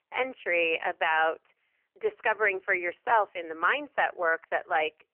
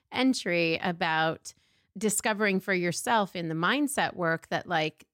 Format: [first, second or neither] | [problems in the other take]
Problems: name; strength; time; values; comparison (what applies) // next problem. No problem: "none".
second | phone-call audio; poor line; nothing above 3 kHz